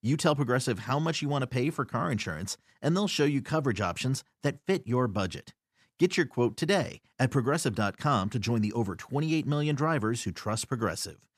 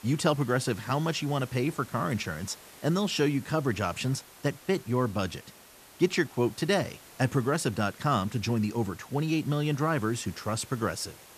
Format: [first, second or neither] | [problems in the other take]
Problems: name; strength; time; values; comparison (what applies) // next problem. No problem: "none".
first | hiss; faint; throughout; 20 dB below the speech